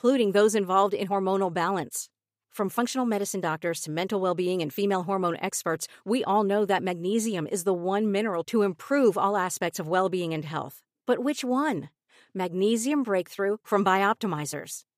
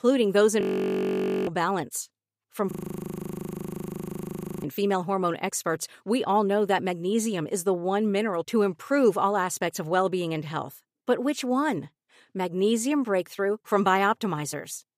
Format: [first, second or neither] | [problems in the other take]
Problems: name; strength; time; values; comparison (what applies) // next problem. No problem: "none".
first | audio freezing; at 0.5 s for 1 s and at 2.5 s for 2 s